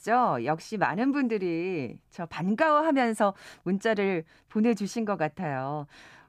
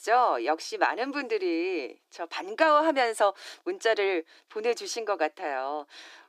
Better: first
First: none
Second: thin; very; fading below 300 Hz

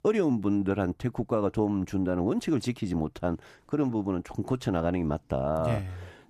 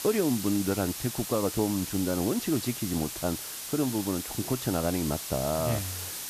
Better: first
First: none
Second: hiss; loud; throughout; 5 dB below the speech

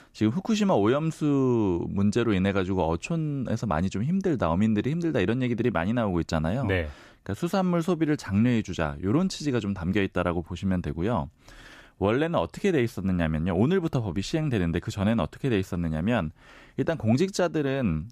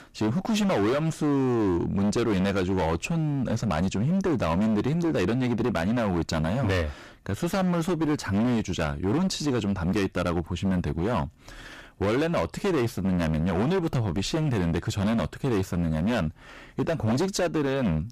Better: first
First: none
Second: distortion; heavy; 25% of the sound clipped

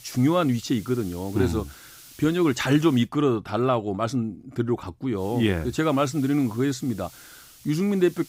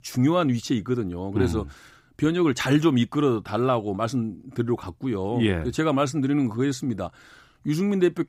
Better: second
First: hiss; faint; until 3 s and from 5 s on; 20 dB below the speech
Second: none

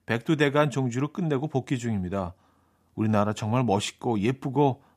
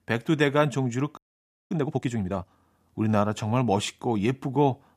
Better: first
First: none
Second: audio freezing; at 1 s for 0.5 s

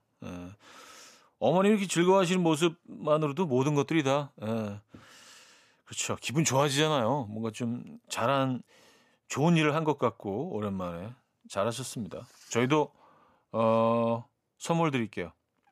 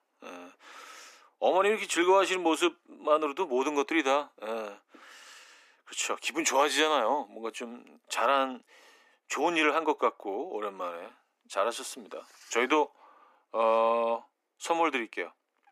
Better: first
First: none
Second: thin; somewhat; fading below 300 Hz

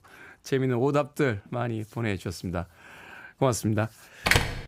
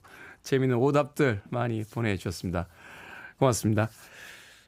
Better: second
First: door banging; loud; at 4.5 s; peak 5 dB above the speech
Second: none

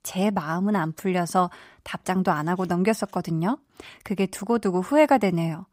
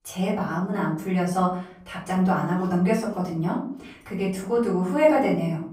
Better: first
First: none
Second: off-mic speech; far // room echo; slight; dies away in 0.5 s

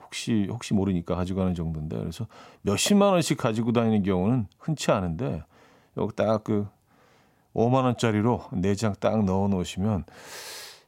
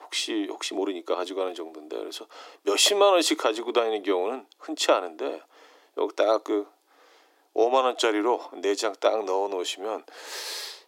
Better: first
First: none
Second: thin; very; fading below 300 Hz

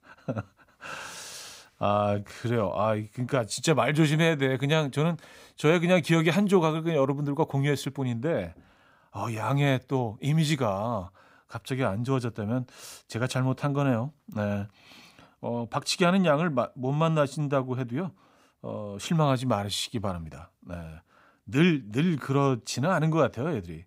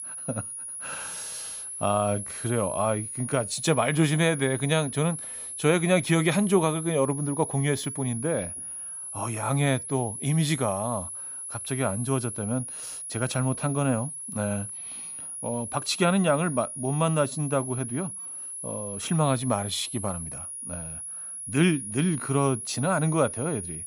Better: first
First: none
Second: high-pitched whine; loud; throughout; 10.5 kHz, 7 dB below the speech

